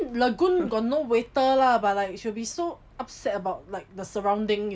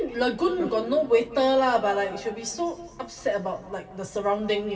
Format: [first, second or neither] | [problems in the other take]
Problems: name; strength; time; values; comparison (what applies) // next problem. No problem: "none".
first | room echo; dies away in 1.9 s